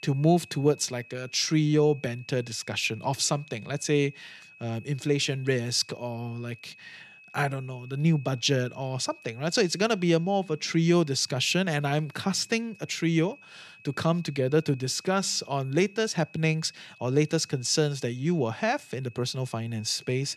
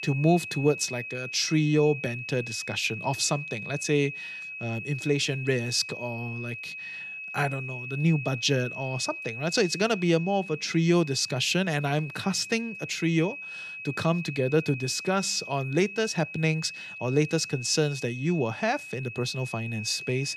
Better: first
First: high-pitched whine; faint; throughout; 2.5 kHz, 25 dB below the speech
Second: high-pitched whine; loud; throughout; 2.5 kHz, 9 dB below the speech

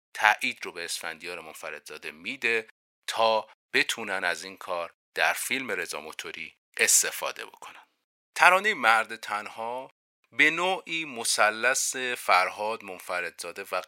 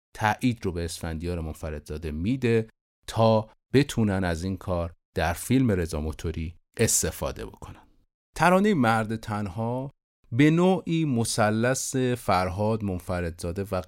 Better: second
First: thin; very; fading below 750 Hz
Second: none

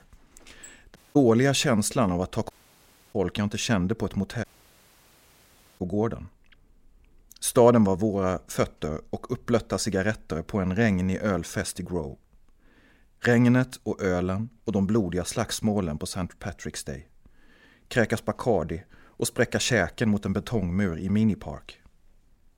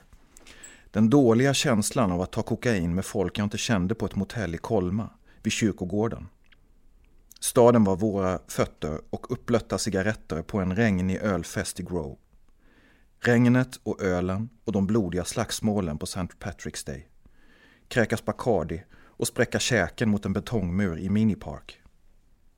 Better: second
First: audio cutting out; at 1 s, at 2.5 s for 0.5 s and at 4.5 s for 1.5 s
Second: none

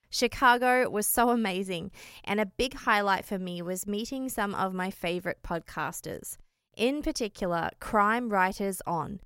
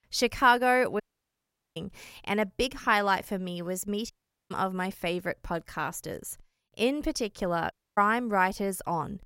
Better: first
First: none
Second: audio cutting out; at 1 s for 1 s, at 4 s and at 7.5 s

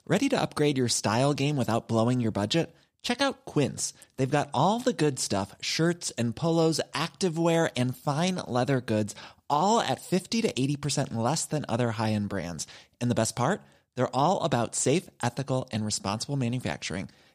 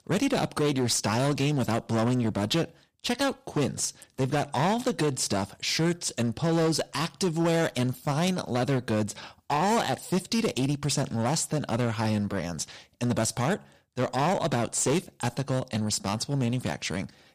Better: first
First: none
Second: distortion; slight; 11% of the sound clipped

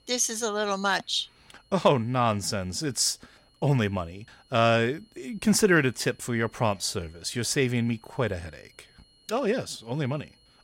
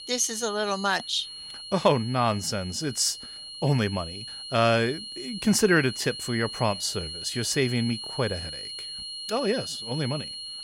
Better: first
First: high-pitched whine; faint; throughout; 4 kHz, 35 dB below the speech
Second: high-pitched whine; loud; throughout; 4 kHz, 9 dB below the speech

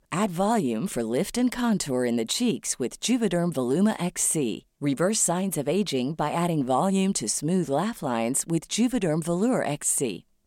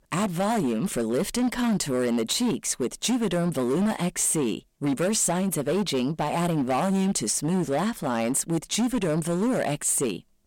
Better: first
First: none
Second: distortion; slight; 16% of the sound clipped

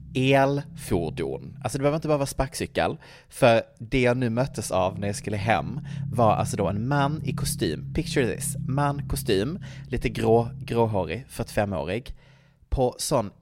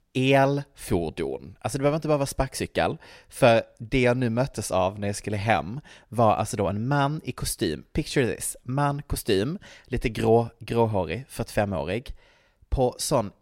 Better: second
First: low rumble; faint; throughout; 20 dB below the speech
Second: none

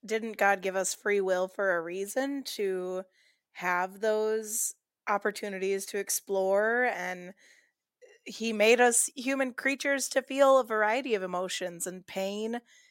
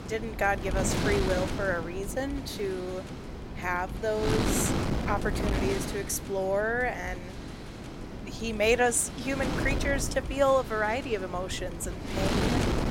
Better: first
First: none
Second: wind noise on the microphone; heavy; 7 dB below the speech

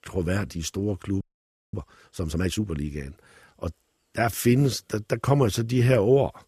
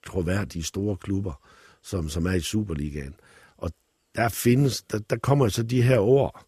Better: second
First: audio freezing; at 1 s for 0.5 s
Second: none

